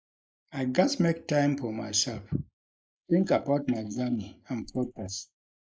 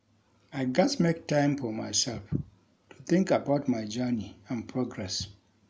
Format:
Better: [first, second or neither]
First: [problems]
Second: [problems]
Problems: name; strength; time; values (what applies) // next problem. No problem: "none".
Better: second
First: noise reduction (neural mask model Resemble Enhance denoiser)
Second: none